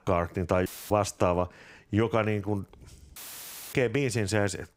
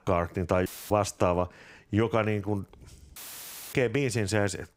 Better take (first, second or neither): neither